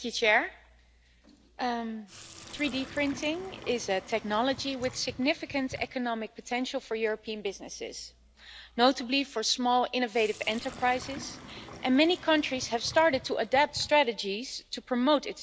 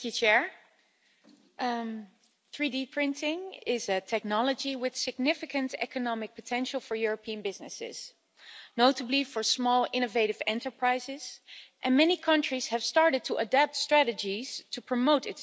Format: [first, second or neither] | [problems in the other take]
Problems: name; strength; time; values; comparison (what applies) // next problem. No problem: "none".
second | background sound (Sink (filling or washing)); 19 dB below the speech